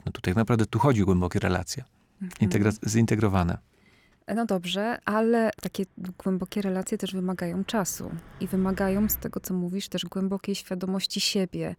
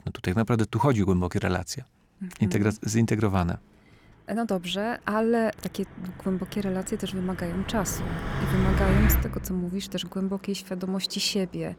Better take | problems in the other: first | traffic noise; loud; throughout; 3 dB below the speech; faint in the first

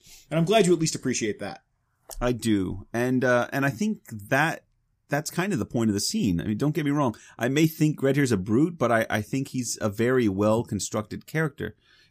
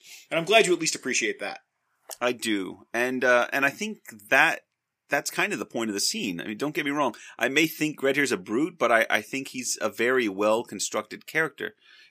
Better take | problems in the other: first | thin; somewhat; fading below 350 Hz

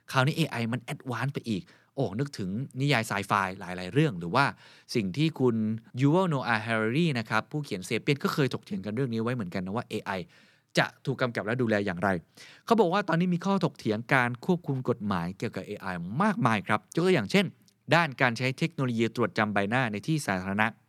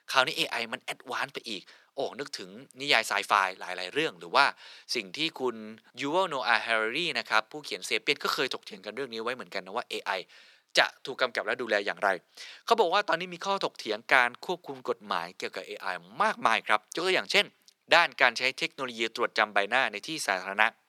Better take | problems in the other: first | thin; very; fading below 550 Hz

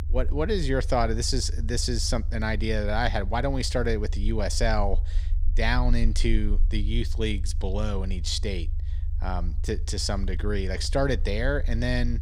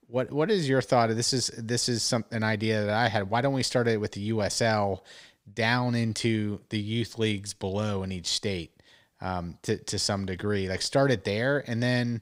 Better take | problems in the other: second | low rumble; faint; throughout; 20 dB below the speech

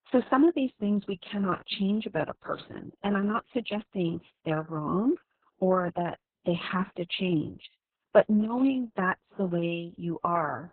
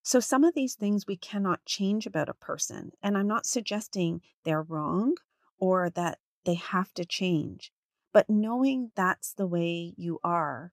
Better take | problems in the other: second | garbled, watery; badly; nothing above 4 kHz

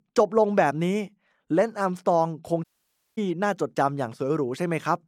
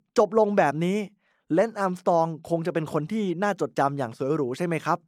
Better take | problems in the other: second | audio cutting out; at 2.5 s for 0.5 s

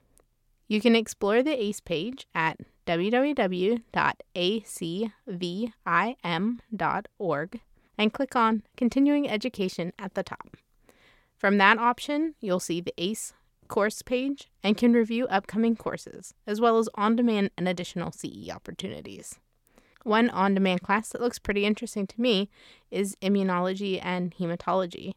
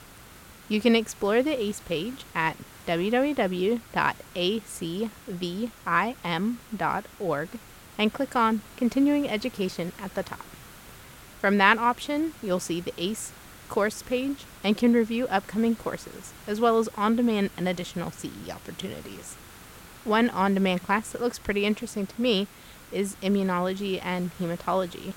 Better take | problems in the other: first | hiss; noticeable; throughout; 20 dB below the speech

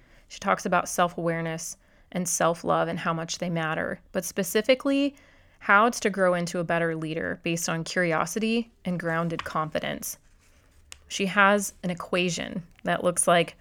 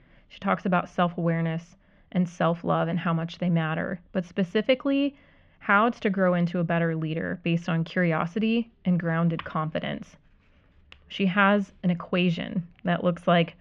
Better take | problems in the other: first | muffled; very; fading above 3.5 kHz

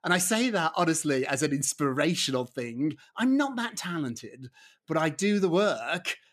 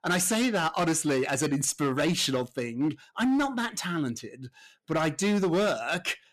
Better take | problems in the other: first | distortion; slight; 11% of the sound clipped

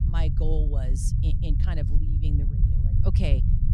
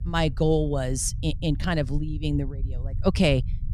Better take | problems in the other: second | low rumble; loud; throughout; 2 dB below the speech; faint in the second

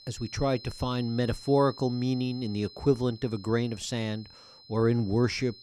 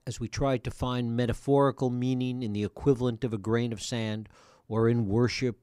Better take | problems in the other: second | high-pitched whine; noticeable; throughout; 4 kHz, 20 dB below the speech

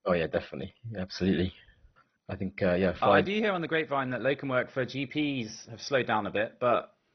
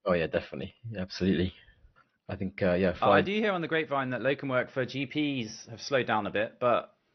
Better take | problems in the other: second | garbled, watery; badly; nothing above 6 kHz; slightly in the second

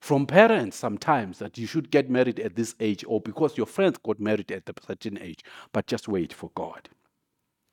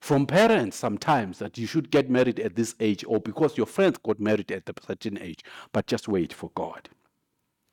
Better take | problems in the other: first | distortion; slight; 2% of the sound clipped

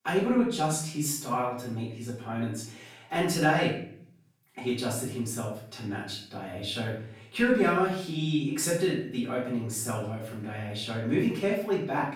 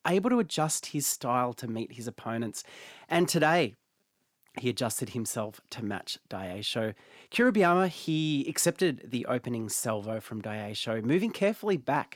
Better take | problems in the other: second | off-mic speech; far // room echo; noticeable; dies away in 0.5 s

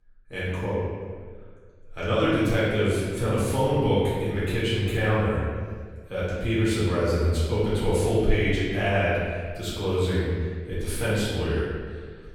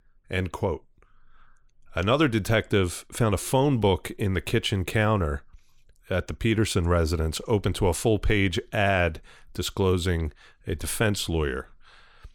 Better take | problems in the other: second | room echo; strong; dies away in 1.6 s // off-mic speech; far

